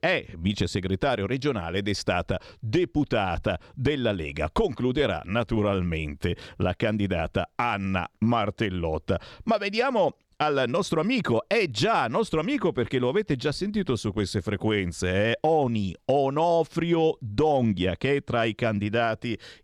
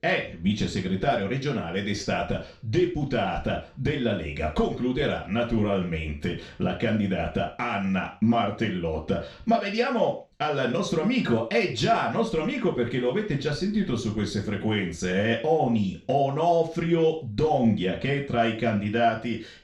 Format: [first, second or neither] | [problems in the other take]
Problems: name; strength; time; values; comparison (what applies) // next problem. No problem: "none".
first | room echo; slight; dies away in 0.3 s // off-mic speech; far